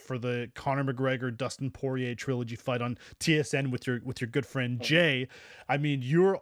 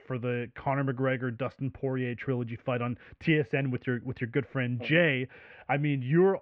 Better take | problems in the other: first | muffled; very; fading above 2.5 kHz

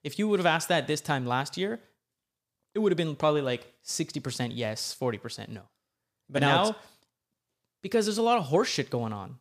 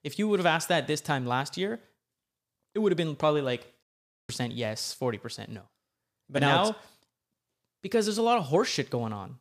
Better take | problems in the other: first | audio cutting out; at 4 s

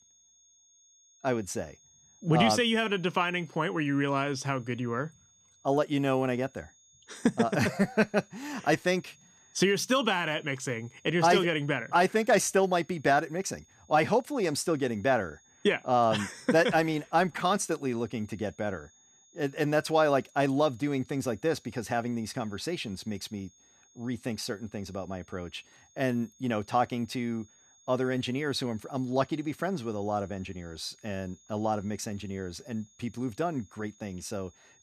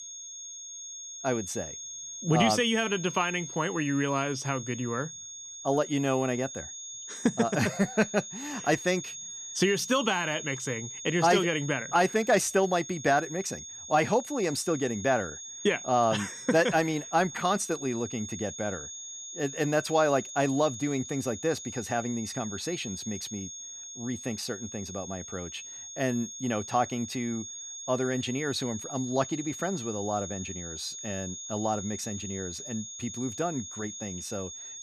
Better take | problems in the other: first | high-pitched whine; loud; throughout; 6.5 kHz, 9 dB below the speech; faint in the first

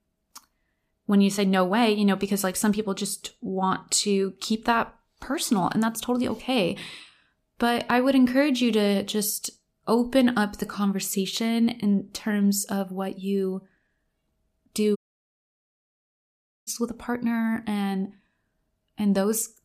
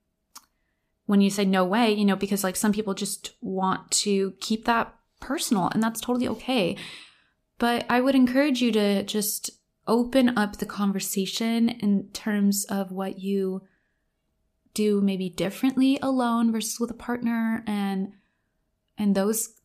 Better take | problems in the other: second | audio cutting out; at 15 s for 1.5 s

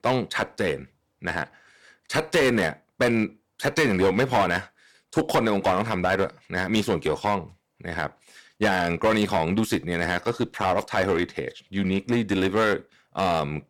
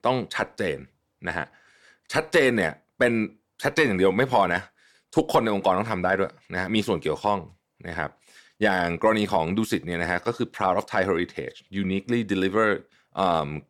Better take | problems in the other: second | distortion; slight; 7% of the sound clipped

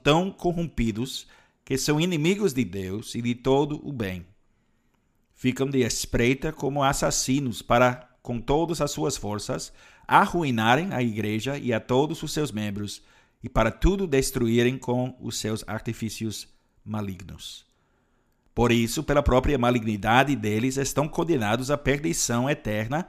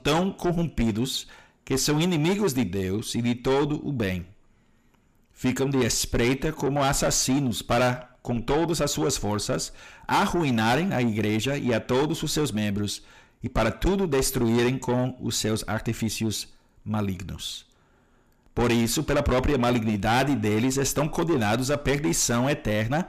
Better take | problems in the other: first | distortion; heavy; 7 dB below the speech

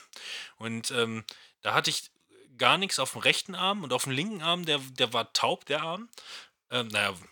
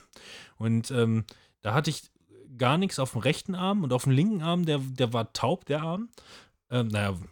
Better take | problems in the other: second | thin; somewhat; fading below 1 kHz

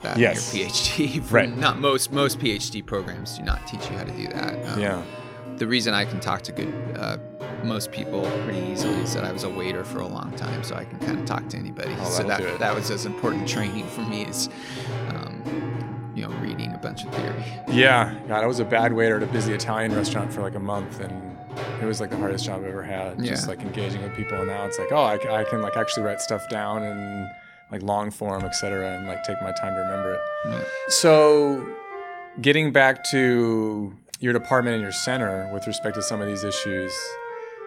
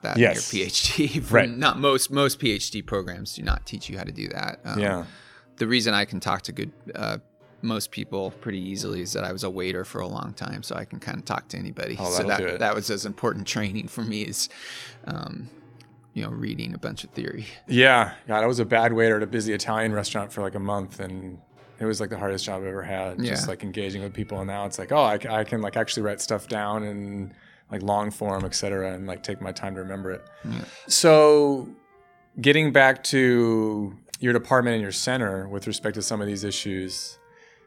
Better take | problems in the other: second | background music; loud; throughout; 7 dB below the speech; faint in the second

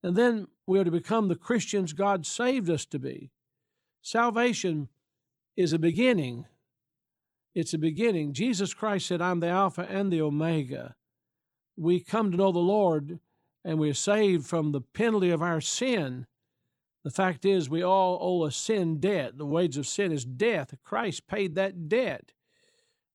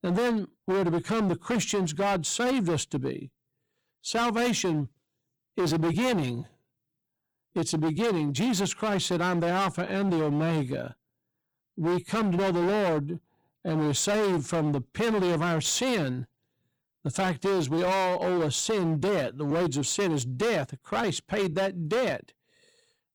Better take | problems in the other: first | distortion; heavy; 23% of the sound clipped

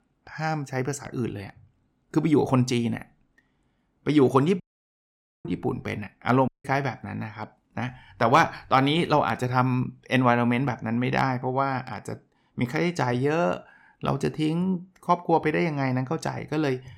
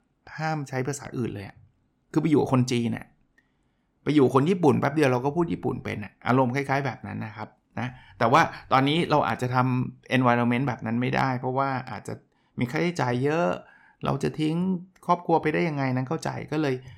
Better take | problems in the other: second | audio cutting out; at 4.5 s for 1 s and at 6.5 s

